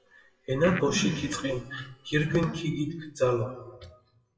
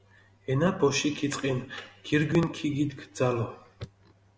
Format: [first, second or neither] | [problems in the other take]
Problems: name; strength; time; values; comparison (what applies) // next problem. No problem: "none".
second | noise reduction (classical method WPE with log-MMSE)